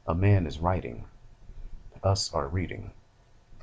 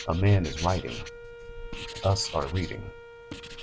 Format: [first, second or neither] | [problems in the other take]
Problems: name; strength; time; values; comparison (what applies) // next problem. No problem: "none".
first | background sound (Writing + Wind instrument, woodwind instrument); 12 dB below the speech